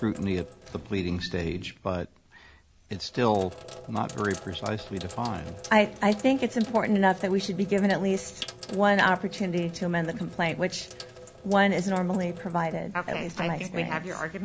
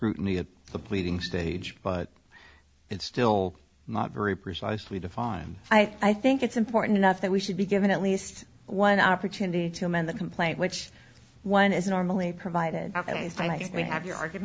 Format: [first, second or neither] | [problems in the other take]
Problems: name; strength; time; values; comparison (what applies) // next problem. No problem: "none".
second | background sound (Sink (filling or washing)); 17 dB below the speech